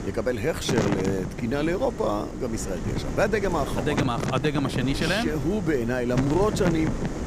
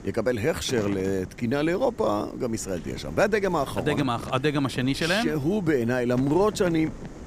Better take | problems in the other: second | wind noise on the microphone; heavy; 7 dB below the speech; occasional gusts in the second

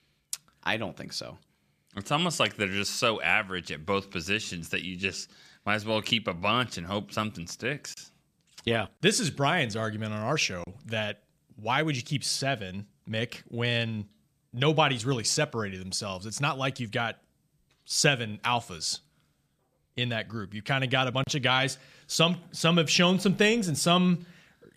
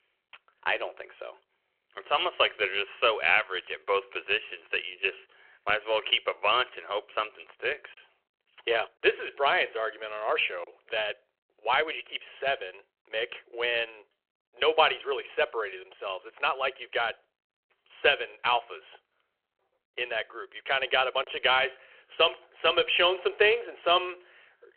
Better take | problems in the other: first | phone-call audio

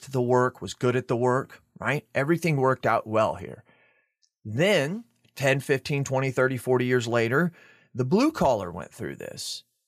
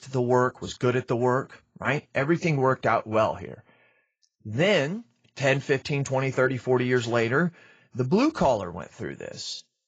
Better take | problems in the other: first | garbled, watery; badly; nothing above 7.5 kHz

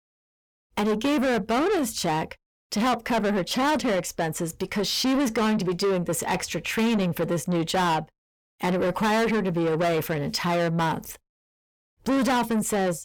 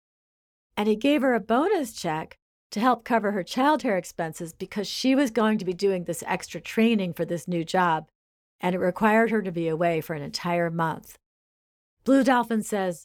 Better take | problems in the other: second | distortion; heavy; 6 dB below the speech

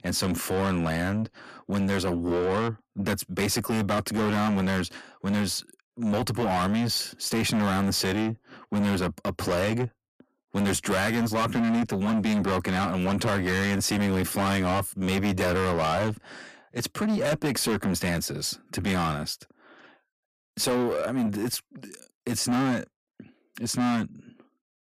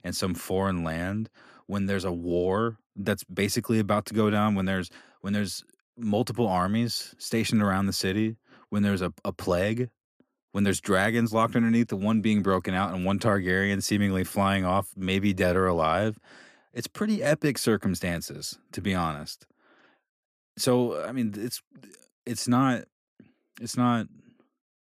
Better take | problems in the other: second | distortion; heavy; 7 dB below the speech

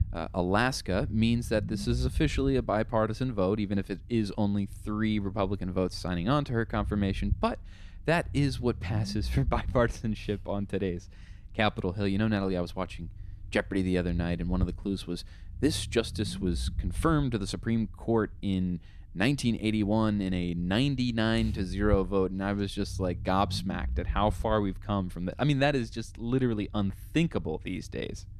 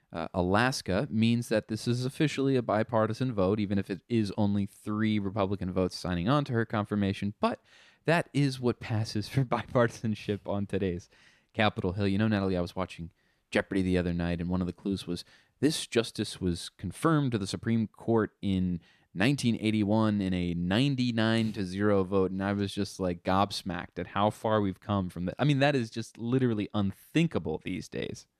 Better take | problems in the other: second | low rumble; faint; throughout; 25 dB below the speech

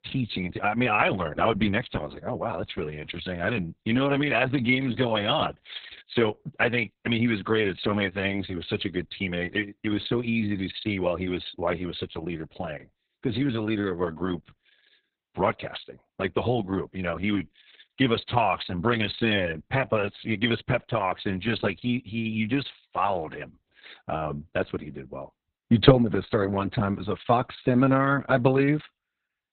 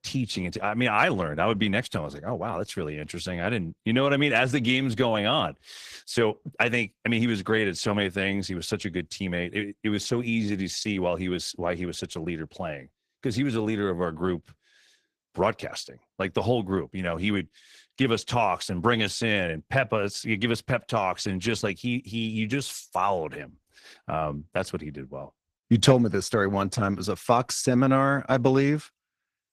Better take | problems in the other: second | garbled, watery; badly; nothing above 4 kHz; slightly in the second

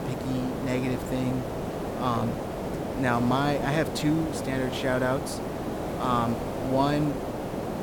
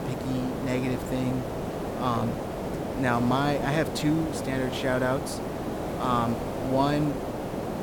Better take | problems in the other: neither | hiss; loud; throughout; 4 dB below the speech; the same in both

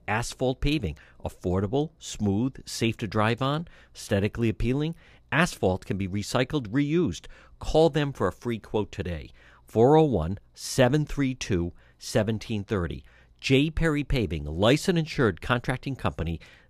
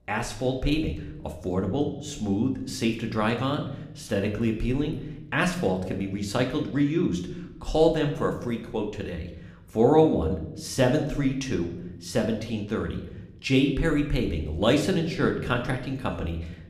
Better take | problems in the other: first | room echo; slight; dies away in 0.7 s

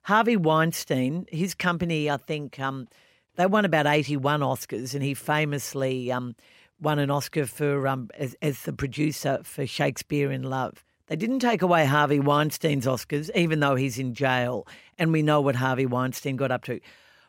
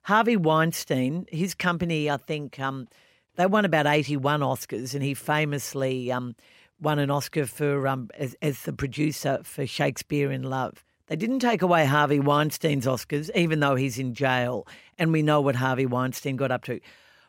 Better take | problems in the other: neither | none

